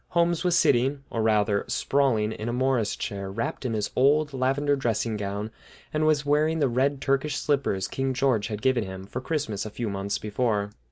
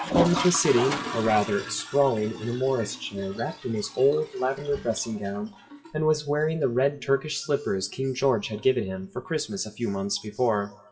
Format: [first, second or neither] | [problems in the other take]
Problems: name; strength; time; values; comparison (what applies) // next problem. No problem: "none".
first | noise reduction (classical method WPE with log-MMSE)